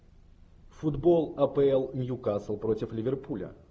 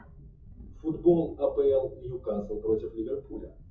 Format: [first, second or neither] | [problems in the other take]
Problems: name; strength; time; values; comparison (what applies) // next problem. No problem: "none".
first | noise reduction (classical method WPE with log-MMSE)